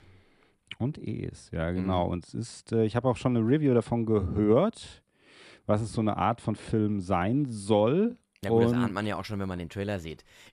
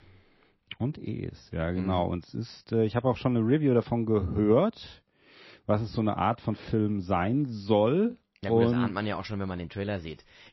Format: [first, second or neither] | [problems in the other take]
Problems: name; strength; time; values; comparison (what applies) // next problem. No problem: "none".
first | garbled, watery; slightly; nothing above 5.5 kHz